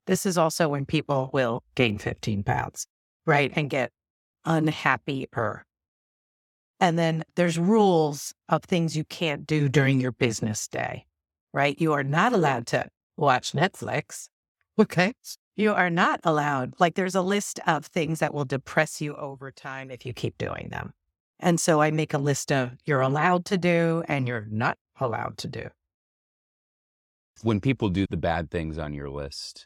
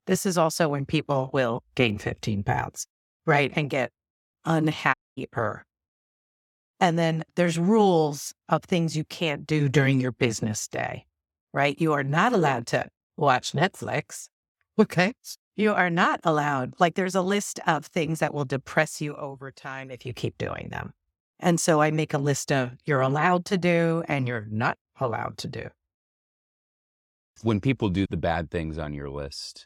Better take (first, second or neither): first